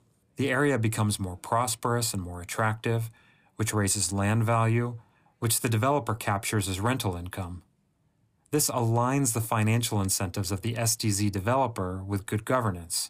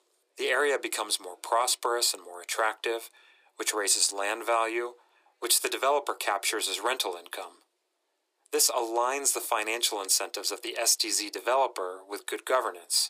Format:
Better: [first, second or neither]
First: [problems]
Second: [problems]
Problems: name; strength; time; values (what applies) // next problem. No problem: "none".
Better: first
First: none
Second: thin; very; fading below 350 Hz